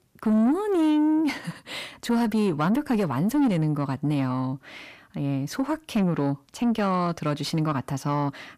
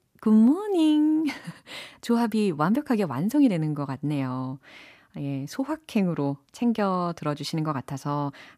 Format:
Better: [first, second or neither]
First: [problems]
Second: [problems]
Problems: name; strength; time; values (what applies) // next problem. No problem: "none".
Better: second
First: distortion; slight; 10 dB below the speech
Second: none